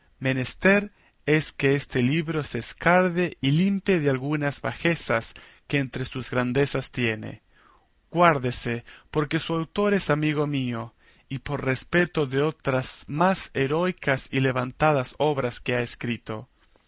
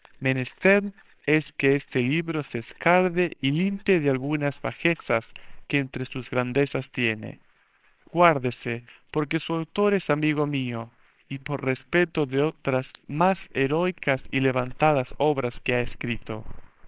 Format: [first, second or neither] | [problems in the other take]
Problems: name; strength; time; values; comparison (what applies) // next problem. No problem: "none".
first | noise reduction (neural separator model SepFormer WHAMR!)